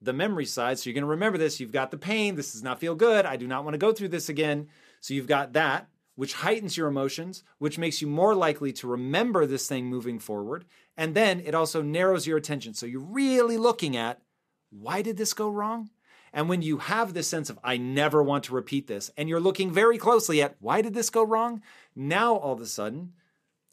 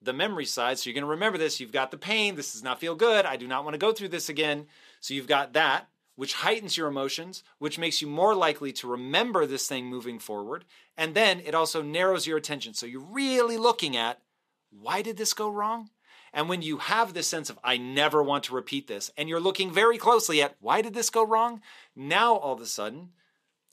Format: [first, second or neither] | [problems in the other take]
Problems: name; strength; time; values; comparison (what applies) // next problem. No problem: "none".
first | thin; very slightly; fading below 400 Hz